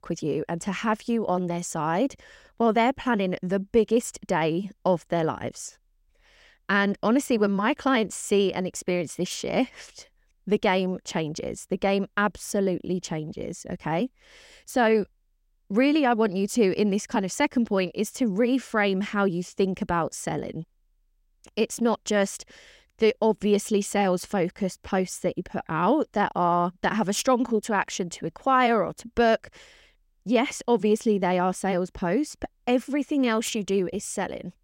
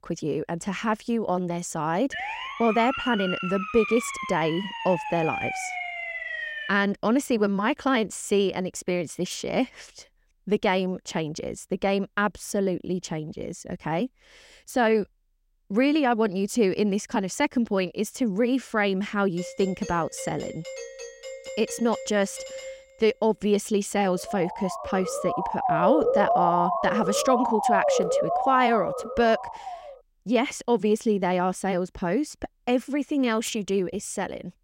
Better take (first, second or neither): first